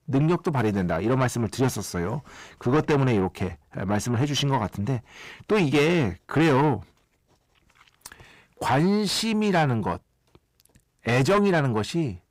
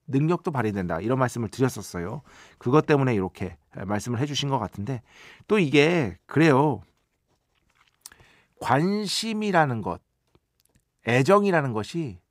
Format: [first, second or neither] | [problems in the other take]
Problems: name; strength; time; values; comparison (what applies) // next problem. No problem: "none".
second | distortion; heavy; 7 dB below the speech